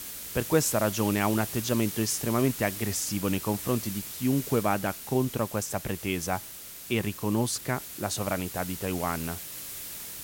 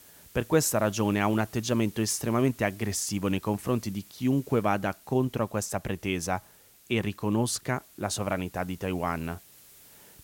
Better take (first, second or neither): second